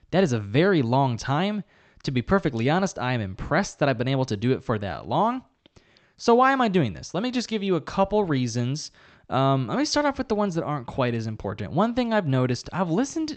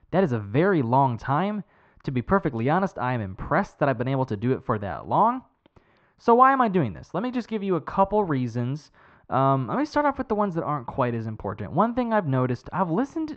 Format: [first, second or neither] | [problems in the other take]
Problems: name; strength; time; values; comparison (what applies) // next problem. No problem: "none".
first | muffled; very; fading above 3.5 kHz